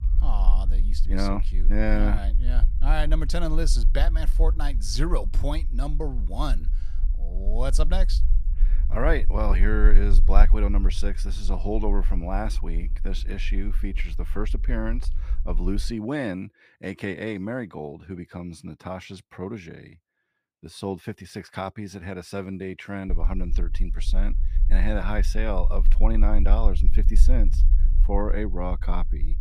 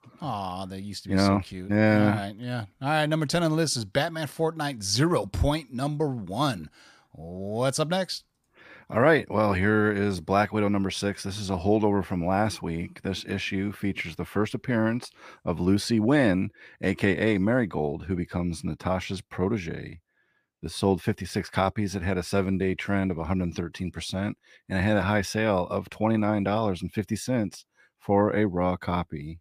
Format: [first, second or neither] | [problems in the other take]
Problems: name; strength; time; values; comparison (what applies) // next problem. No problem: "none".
second | low rumble; noticeable; until 16 s and from 23 s on; 15 dB below the speech